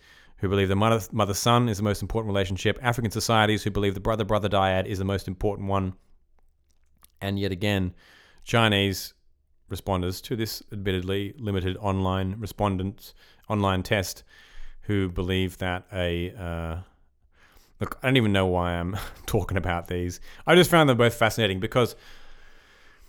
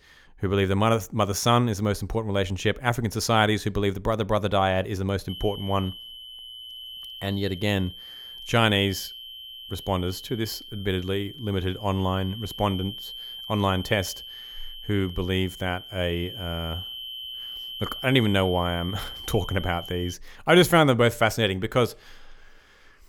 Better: first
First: none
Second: high-pitched whine; noticeable; from 5.5 to 20 s; 3 kHz, 10 dB below the speech

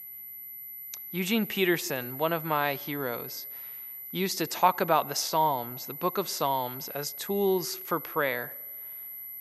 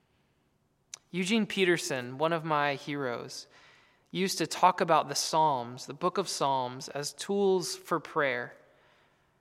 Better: second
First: high-pitched whine; loud; throughout; 12 kHz, 9 dB below the speech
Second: none

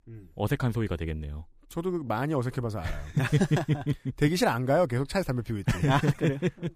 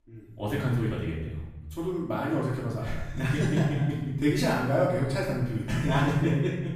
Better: first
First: none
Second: off-mic speech; far // room echo; noticeable; dies away in 0.9 s

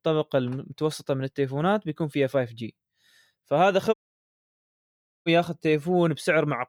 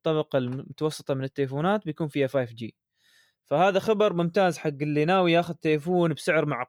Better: second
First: audio cutting out; at 4 s for 1.5 s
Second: none

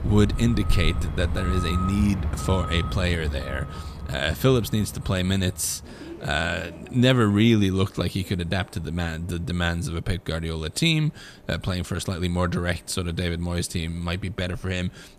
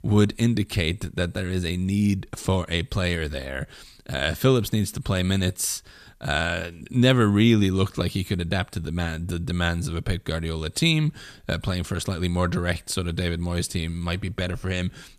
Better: second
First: traffic noise; loud; throughout; 7 dB below the speech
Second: none

